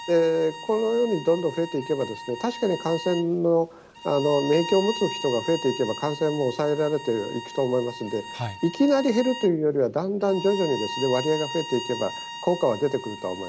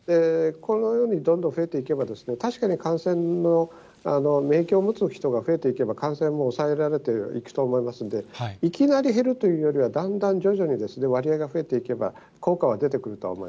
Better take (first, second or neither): second